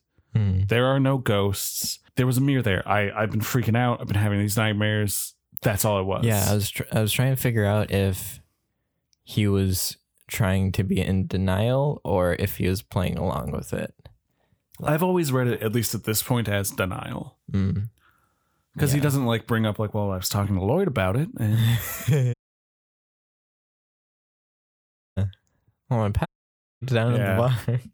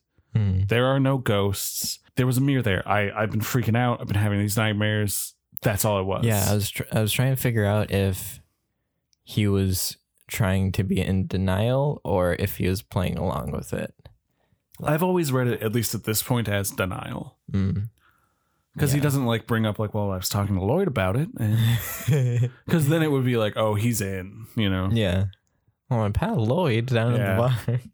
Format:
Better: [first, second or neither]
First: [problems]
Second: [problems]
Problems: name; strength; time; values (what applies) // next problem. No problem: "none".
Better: second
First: audio cutting out; at 22 s for 3 s and at 26 s for 0.5 s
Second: none